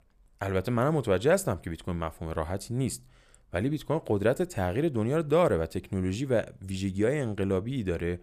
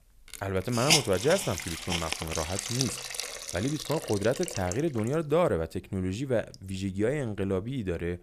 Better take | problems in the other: first | hiss; loud; throughout; 1 dB below the speech

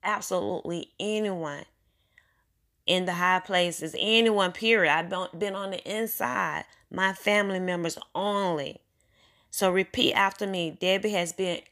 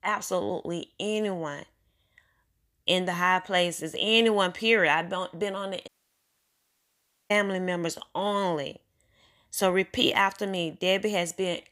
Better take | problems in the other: first | audio cutting out; at 6 s for 1.5 s

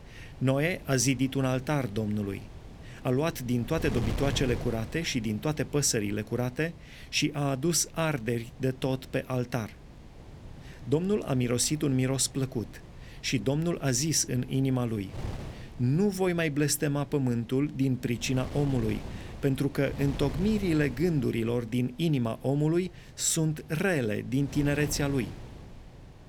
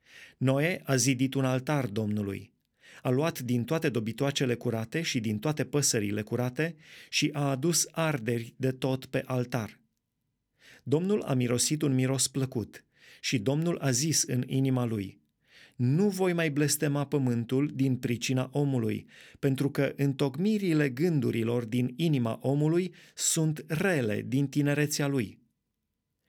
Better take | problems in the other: second | wind noise on the microphone; occasional gusts; 15 dB below the speech

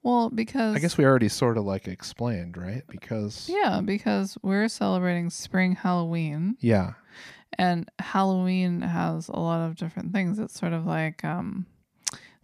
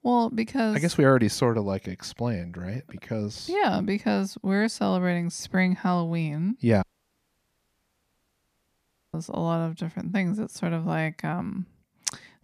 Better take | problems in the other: first | audio cutting out; at 7 s for 2.5 s

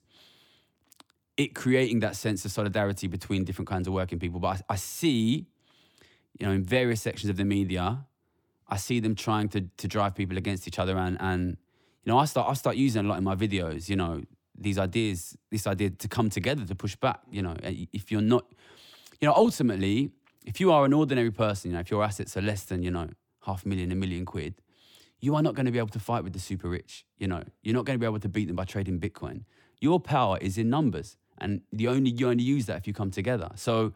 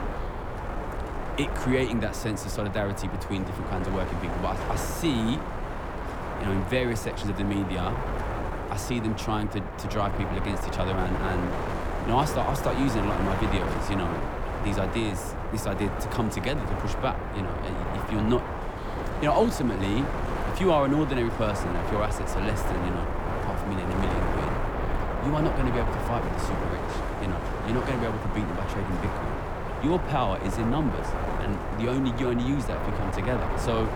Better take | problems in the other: first | wind noise on the microphone; heavy; 1 dB below the speech

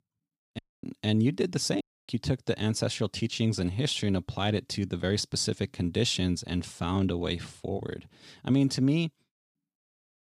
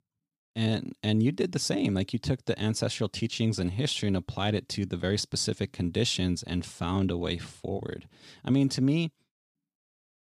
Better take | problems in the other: second | audio cutting out; at 0.5 s and at 2 s

